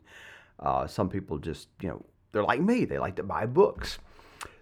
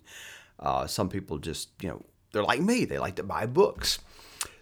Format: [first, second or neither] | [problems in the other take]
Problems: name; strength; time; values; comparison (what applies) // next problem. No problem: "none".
second | muffled; slightly; fading above 3 kHz